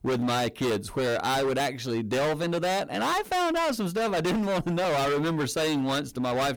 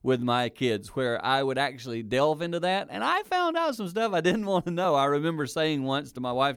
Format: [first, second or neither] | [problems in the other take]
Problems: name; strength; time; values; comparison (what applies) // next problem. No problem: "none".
second | distortion; heavy; 35% of the sound clipped